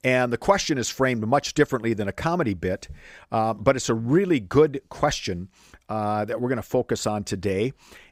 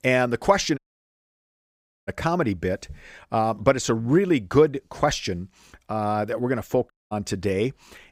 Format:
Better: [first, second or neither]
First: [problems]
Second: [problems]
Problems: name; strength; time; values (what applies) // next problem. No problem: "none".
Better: first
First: none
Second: audio cutting out; at 1 s for 1.5 s and at 7 s